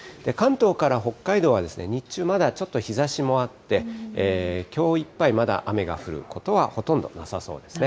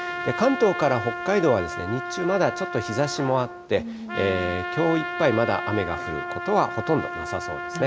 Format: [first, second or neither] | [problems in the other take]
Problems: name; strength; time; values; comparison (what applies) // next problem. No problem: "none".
first | background sound (Trumpet); 7 dB below the speech